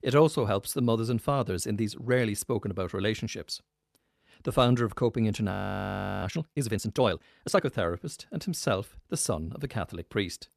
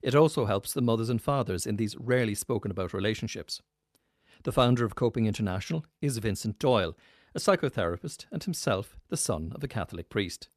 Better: second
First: audio freezing; at 5.5 s for 0.5 s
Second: none

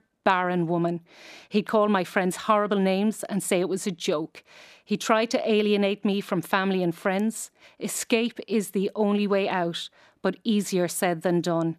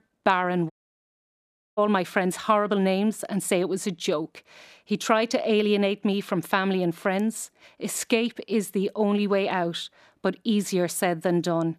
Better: first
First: none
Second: audio cutting out; at 0.5 s for 1 s

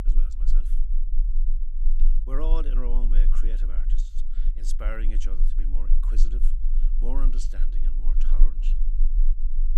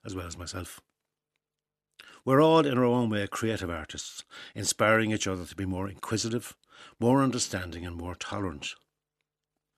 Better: second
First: low rumble; noticeable; throughout; 10 dB below the speech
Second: none

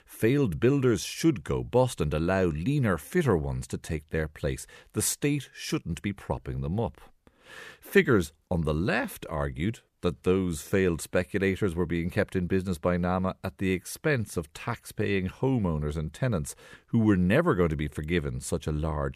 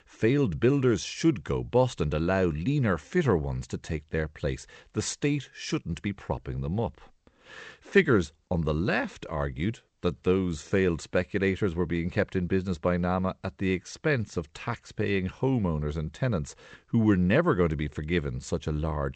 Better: first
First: none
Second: garbled, watery; slightly; nothing above 8 kHz

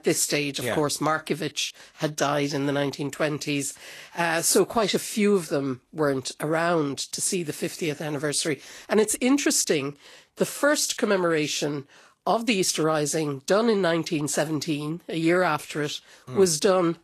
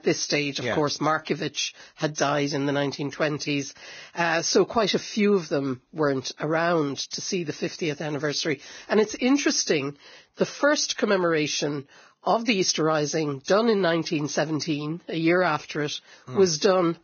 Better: first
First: garbled, watery; slightly; nothing above 12.5 kHz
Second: garbled, watery; badly; nothing above 6.5 kHz

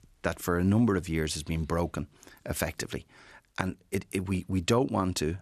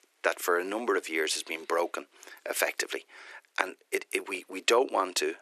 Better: first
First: none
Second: thin; very; fading below 350 Hz

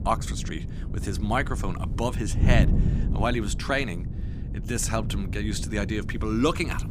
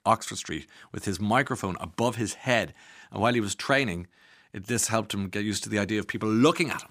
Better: second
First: wind noise on the microphone; occasional gusts; 10 dB below the speech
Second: none

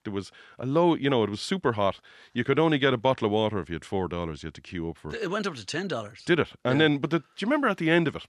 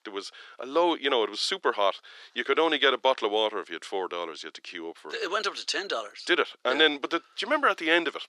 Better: first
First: none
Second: thin; very; fading below 350 Hz

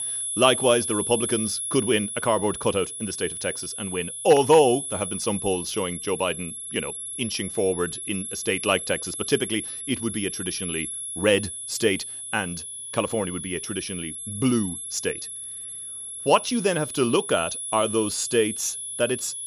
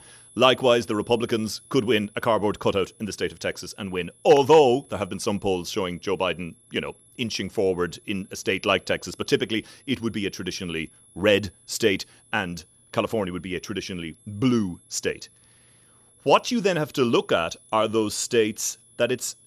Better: second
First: high-pitched whine; loud; throughout; 10.5 kHz, 6 dB below the speech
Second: high-pitched whine; faint; throughout; 10.5 kHz, 30 dB below the speech

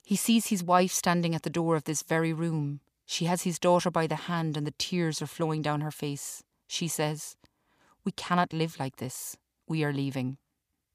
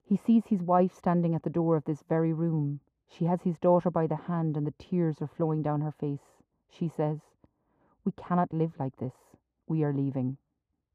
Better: first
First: none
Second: muffled; very; fading above 2 kHz

